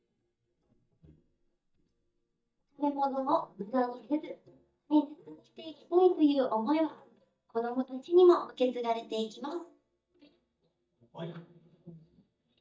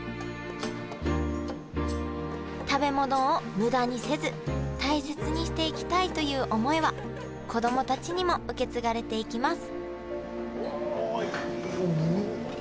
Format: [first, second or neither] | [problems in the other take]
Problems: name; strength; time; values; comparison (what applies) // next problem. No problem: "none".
second | noise reduction (neural mask model DeepFilterNet 3)